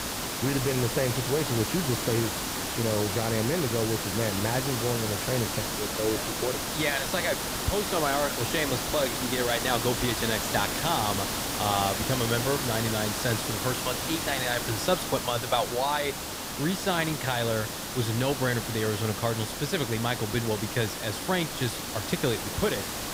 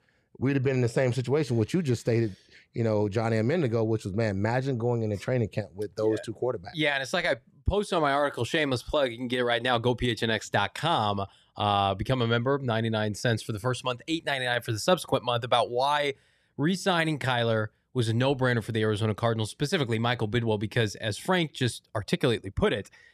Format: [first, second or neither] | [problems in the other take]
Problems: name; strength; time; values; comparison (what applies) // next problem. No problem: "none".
second | hiss; loud; throughout; 1 dB below the speech